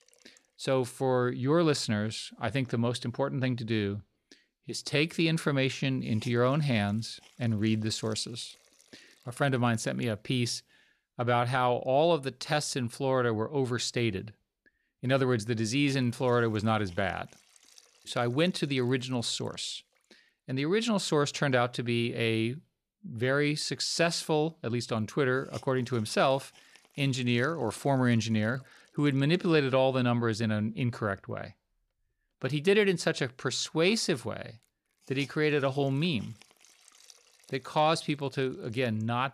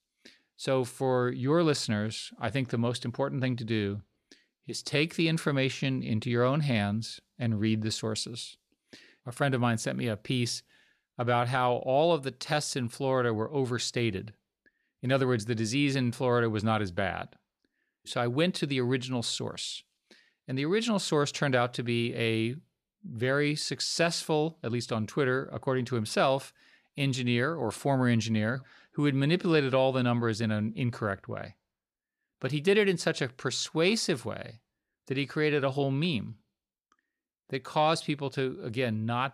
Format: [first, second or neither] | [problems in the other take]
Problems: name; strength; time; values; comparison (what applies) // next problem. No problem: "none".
second | hiss; faint; throughout; 30 dB below the speech